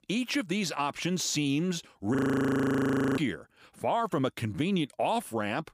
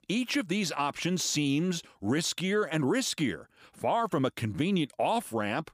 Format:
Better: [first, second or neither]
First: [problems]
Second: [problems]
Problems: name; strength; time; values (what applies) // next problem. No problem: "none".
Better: second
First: audio freezing; at 2 s for 1 s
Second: none